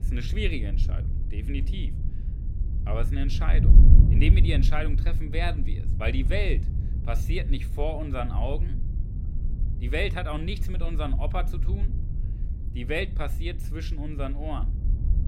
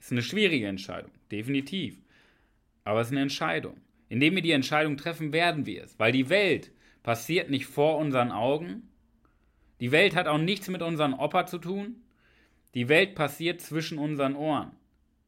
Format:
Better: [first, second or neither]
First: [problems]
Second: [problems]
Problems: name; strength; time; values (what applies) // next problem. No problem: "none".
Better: second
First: wind noise on the microphone; heavy; 10 dB below the speech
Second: none